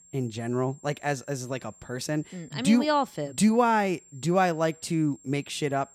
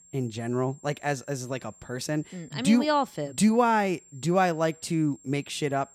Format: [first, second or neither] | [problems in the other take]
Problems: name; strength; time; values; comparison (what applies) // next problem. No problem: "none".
neither | high-pitched whine; faint; throughout; 7.5 kHz, 25 dB below the speech; the same in both